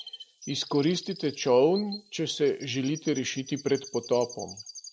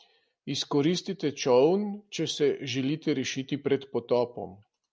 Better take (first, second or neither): second